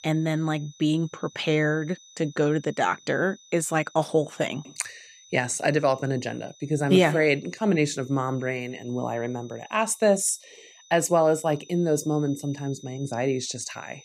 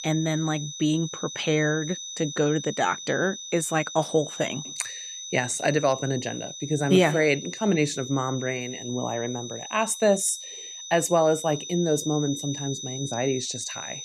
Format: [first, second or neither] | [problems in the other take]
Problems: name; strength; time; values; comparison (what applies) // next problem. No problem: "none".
first | high-pitched whine; loud; throughout; 6 kHz, 9 dB below the speech; faint in the first